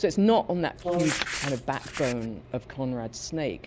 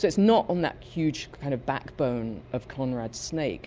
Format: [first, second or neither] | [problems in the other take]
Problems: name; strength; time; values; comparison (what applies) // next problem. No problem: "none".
second | background sound (Crumpling, crinkling + Brass instrument); 5 dB below the speech